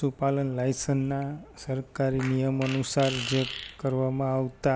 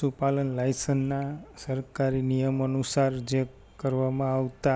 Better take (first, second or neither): second